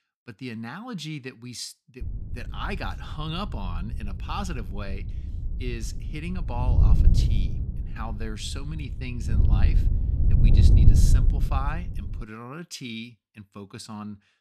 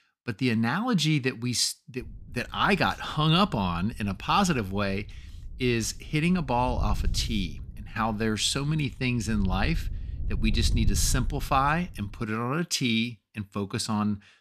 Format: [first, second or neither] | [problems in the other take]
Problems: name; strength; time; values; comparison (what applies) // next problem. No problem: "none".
second | wind noise on the microphone; heavy; from 2 to 12 s; 4 dB below the speech; occasional gusts in the second